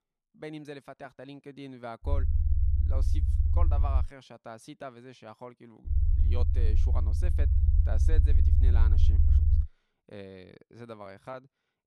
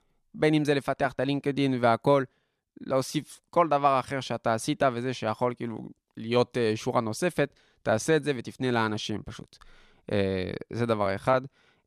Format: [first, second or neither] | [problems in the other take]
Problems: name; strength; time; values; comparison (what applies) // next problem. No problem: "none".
second | low rumble; loud; from 2 to 4 s and from 6 to 9.5 s; 2 dB below the speech